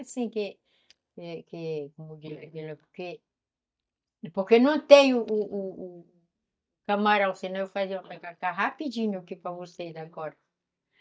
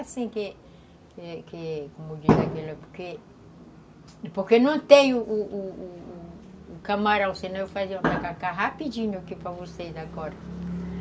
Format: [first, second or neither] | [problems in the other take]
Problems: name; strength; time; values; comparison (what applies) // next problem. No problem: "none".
second | noise reduction (neural mask model DeepFilterNet 3)